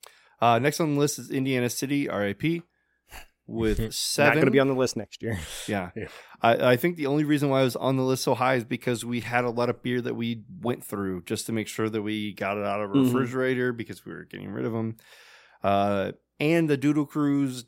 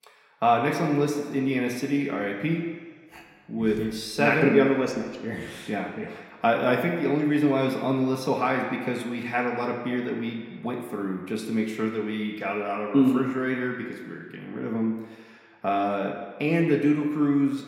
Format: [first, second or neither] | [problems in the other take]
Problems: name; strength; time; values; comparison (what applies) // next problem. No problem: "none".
first | room echo; noticeable; dies away in 1.6 s // off-mic speech; somewhat distant